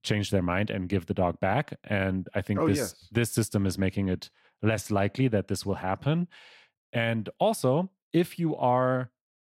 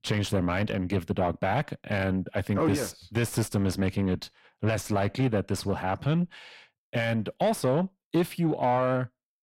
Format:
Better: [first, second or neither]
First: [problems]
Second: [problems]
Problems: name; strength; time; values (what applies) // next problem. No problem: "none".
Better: first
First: none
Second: distortion; slight; 10 dB below the speech